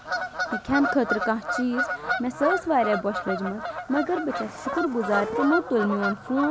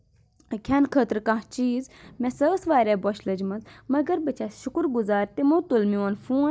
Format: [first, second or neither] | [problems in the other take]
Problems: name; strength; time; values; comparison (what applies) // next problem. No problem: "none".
second | background sound (Bird vocalization, bird call, bird song / Fowl); 4 dB below the speech